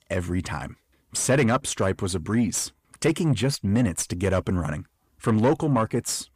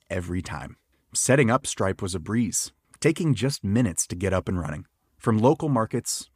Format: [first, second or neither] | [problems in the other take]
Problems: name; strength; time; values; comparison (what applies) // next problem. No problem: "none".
second | distortion; slight; 10 dB below the speech